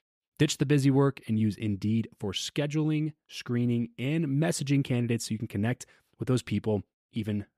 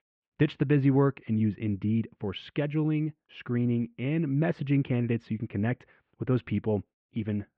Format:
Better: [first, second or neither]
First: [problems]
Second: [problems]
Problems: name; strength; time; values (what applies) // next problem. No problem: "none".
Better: first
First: none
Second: muffled; very; fading above 2.5 kHz